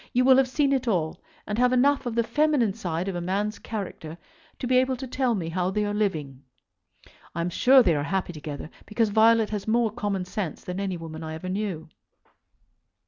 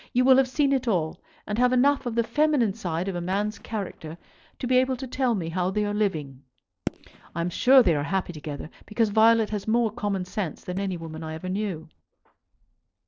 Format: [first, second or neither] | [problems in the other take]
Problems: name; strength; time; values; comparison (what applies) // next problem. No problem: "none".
first | noise reduction (neural separator model SepFormer DNS4)